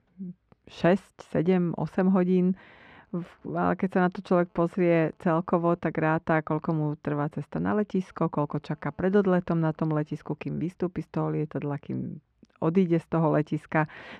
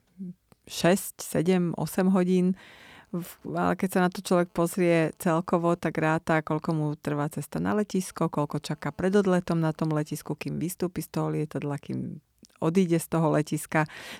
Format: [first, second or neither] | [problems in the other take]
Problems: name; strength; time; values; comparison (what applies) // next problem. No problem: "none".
second | muffled; very; fading above 2 kHz